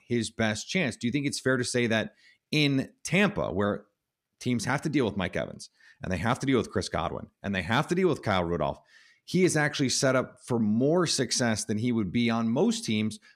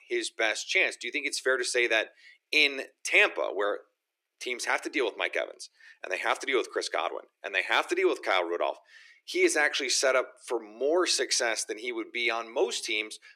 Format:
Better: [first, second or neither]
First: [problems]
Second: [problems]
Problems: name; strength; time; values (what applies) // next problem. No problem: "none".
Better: first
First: none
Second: thin; very; fading below 350 Hz